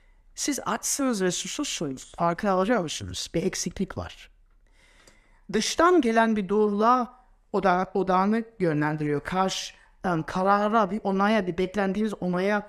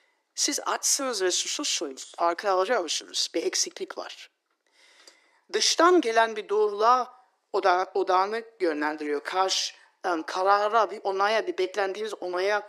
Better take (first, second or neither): first